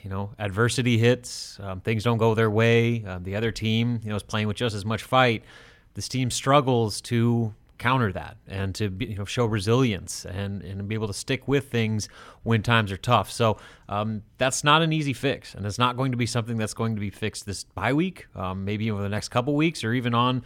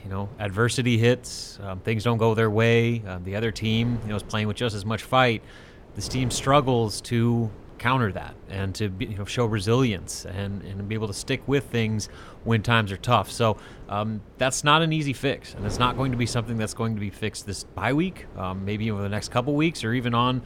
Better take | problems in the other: first | wind noise on the microphone; occasional gusts; 20 dB below the speech

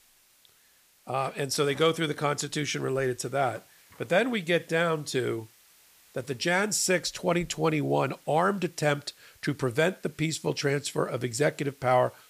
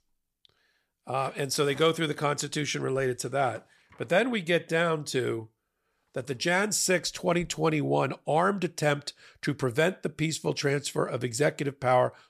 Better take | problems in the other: second | hiss; faint; throughout; 30 dB below the speech

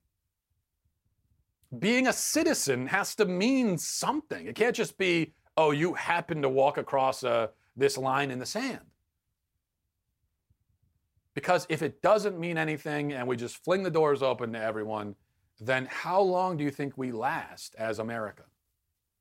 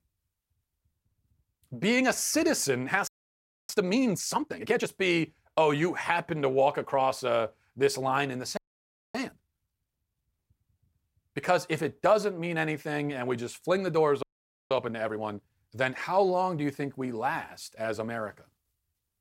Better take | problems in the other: first | audio freezing; at 3 s for 0.5 s, at 8.5 s for 0.5 s and at 14 s

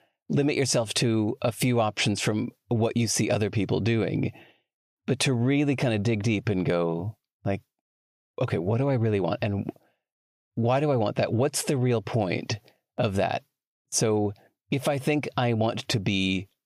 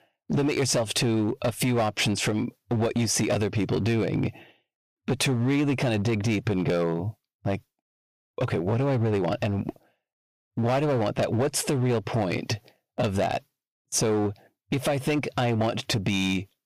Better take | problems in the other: first | distortion; slight; 10% of the sound clipped

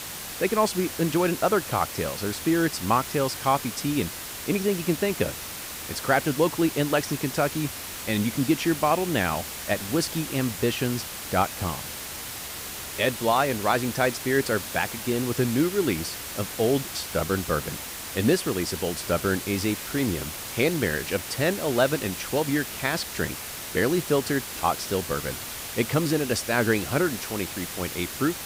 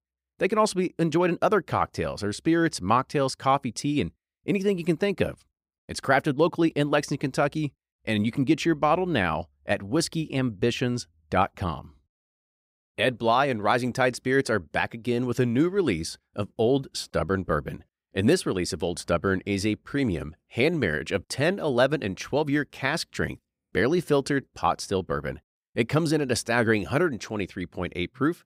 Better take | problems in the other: second | hiss; loud; throughout; 7 dB below the speech

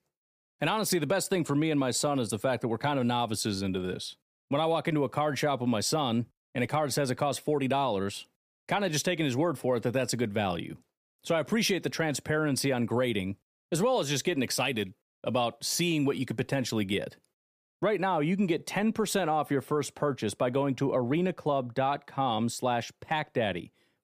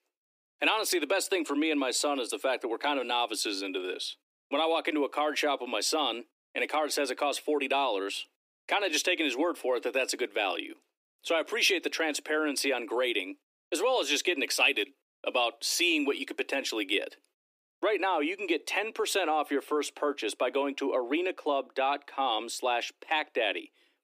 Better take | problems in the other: first | thin; somewhat; fading below 300 Hz

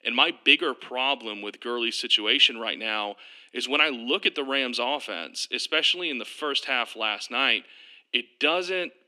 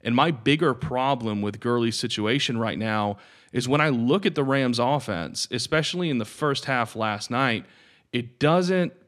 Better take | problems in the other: second | thin; very slightly; fading below 250 Hz

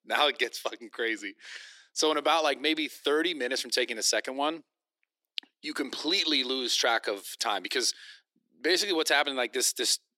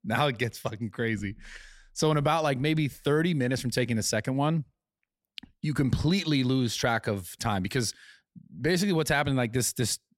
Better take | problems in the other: second | thin; very; fading below 300 Hz

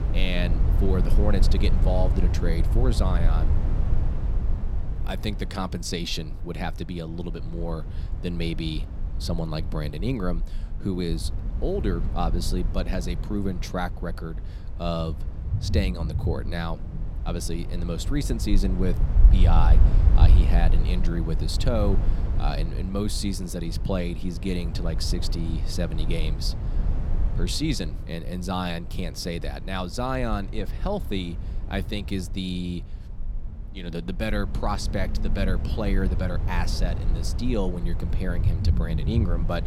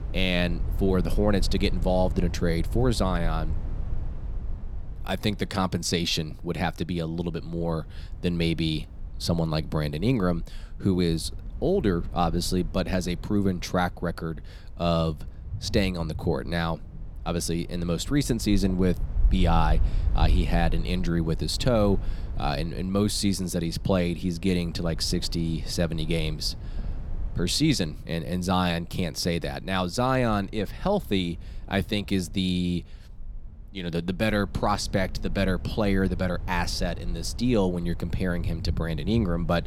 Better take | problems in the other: second | low rumble; loud; throughout; 10 dB below the speech; faint in the second

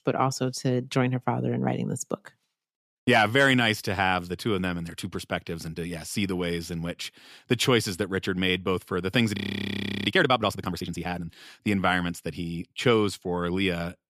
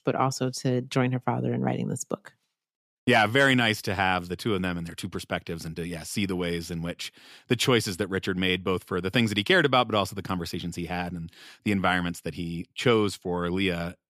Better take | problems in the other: second | audio freezing; at 9.5 s for 0.5 s

